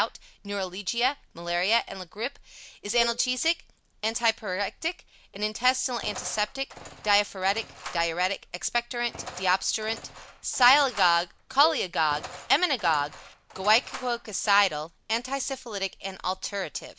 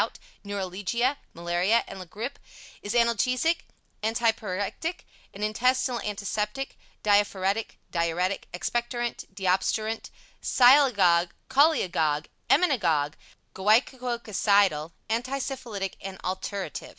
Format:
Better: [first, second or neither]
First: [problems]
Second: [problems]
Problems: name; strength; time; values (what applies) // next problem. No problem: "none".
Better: second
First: background sound (Engine + Cowbell); 16 dB below the speech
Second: none